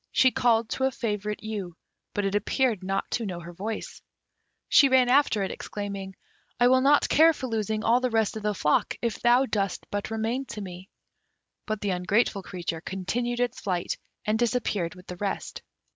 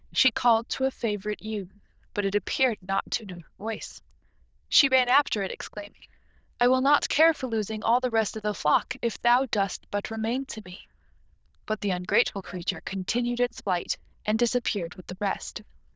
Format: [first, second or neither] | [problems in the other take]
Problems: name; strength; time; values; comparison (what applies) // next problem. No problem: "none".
first | noise reduction (neural diffusion model UNIVERSE++)